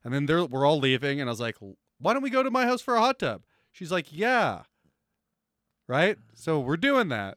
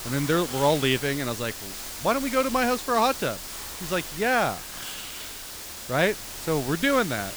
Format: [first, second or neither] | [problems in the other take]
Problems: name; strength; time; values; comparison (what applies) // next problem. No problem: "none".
first | hiss; loud; throughout; 9 dB below the speech